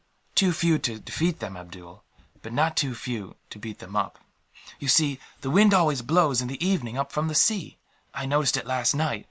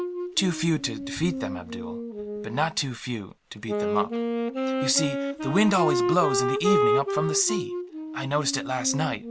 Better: first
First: none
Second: background sound (Wind instrument, woodwind instrument); 1 dB below the speech

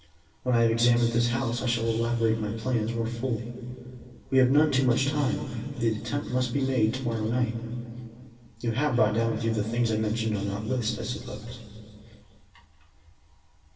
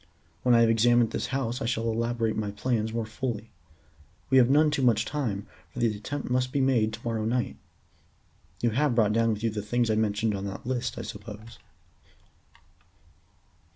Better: second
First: room echo; dies away in 2.5 s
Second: none

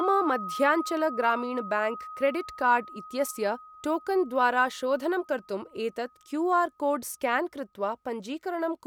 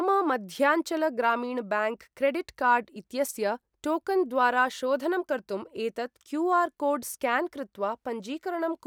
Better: second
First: background sound (Wind chime); 14 dB below the speech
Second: none

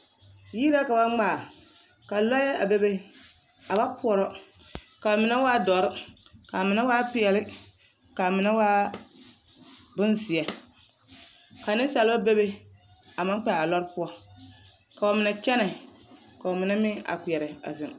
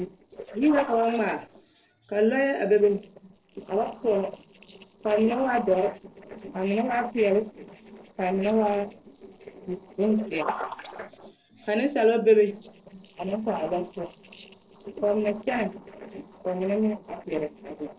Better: first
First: none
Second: noise reduction (neural separator model SepFormer DNS4)

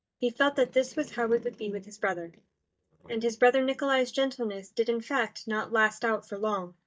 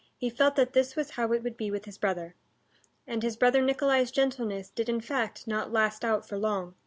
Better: second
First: noise reduction (neural mask model DeepFilterNet 3)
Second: none

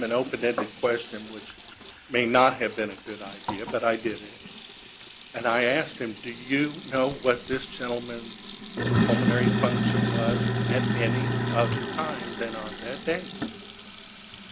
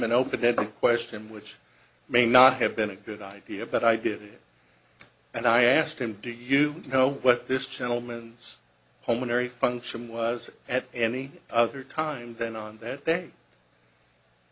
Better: second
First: background sound (Sink (filling or washing)); 1 dB below the speech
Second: none

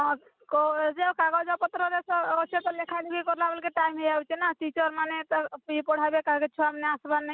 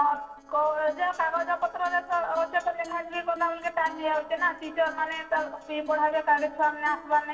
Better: first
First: none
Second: noise reduction (neural separator model SepFormer DNS4)

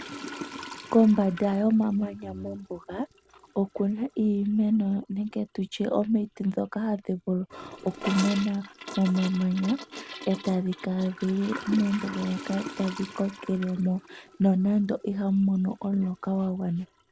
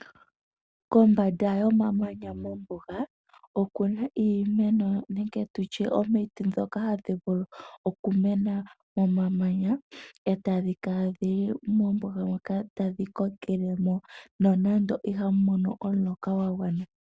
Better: second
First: background sound (Toilet flush / Gurgling); 15 dB below the speech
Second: none

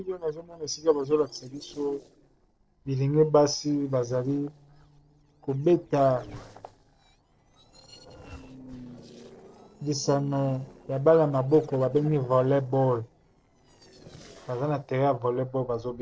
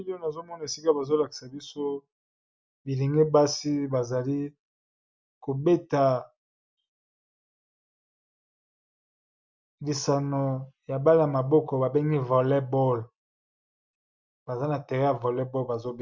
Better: second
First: noise reduction (neural separator model SepFormer DNS4)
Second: none

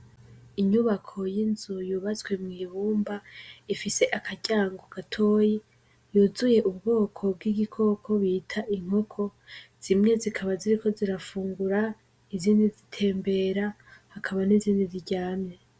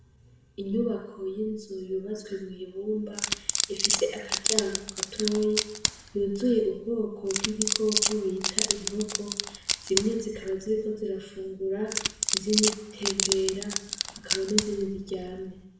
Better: first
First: none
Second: background sound (Wood); as loud as the speech // room echo; dies away in 0.7 s

